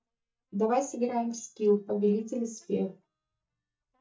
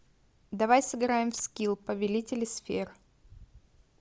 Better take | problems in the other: second | noise reduction (neural mask model DeepFilterNet 3)

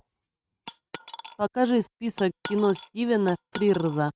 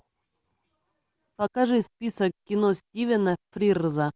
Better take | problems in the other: second | noise reduction (neural mask model RNNoise)

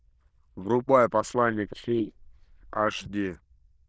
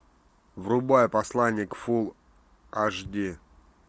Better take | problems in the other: second | noise reduction (neural diffusion model UNIVERSE++)

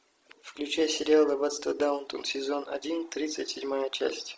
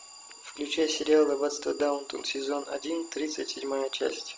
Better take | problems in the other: first | background sound (Alarm); 19 dB below the speech

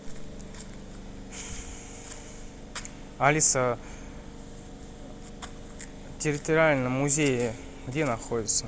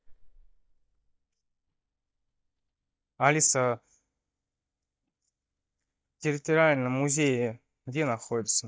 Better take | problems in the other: first | noise reduction (neural mask model DeepFilterNet 3)

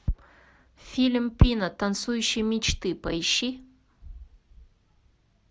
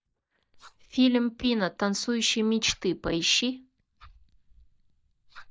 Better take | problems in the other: first | noise reduction (neural mask model DeepFilterNet 3)

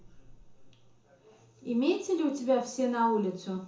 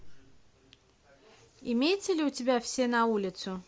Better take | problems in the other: second | room echo; dies away in 0.5 s

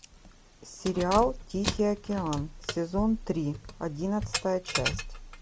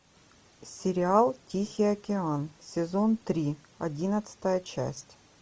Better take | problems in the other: second | background sound (Keys jangling); 7 dB below the speech

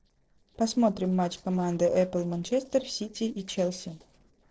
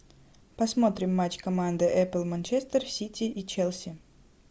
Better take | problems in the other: second | noise reduction (neural separator model SepFormer DNS4)

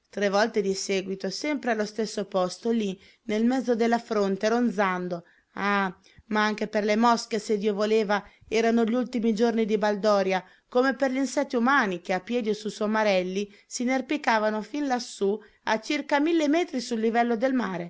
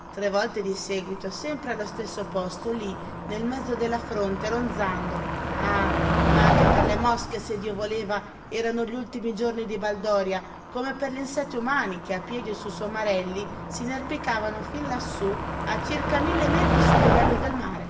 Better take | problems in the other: first | background sound (Motor vehicle (road)); 2 dB above the speech // room echo; dies away in 1 s

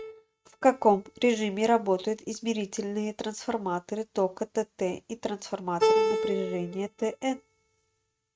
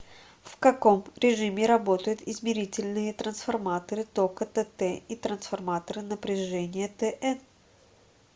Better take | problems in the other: second | noise reduction (neural mask model RNNoise)

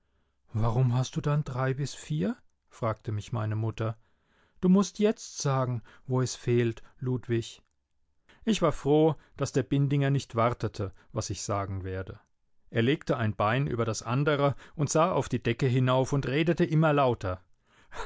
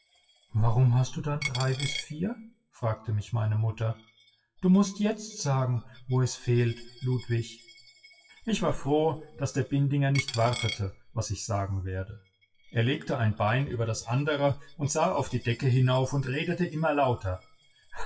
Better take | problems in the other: first | noise reduction (classical method WPE with log-MMSE)

